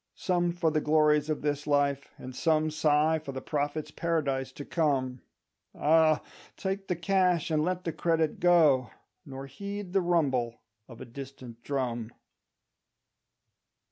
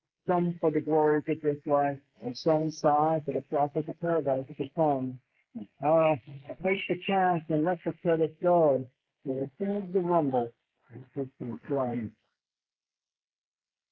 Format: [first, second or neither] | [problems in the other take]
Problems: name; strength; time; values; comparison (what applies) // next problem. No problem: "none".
first | noise reduction (neural mask model Resemble Enhance denoiser)